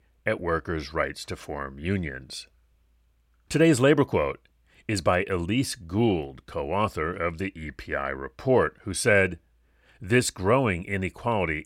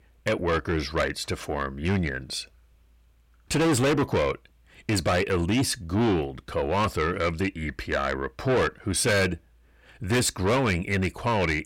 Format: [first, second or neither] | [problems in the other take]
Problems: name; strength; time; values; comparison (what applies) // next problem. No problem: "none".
first | distortion; heavy; 6 dB below the speech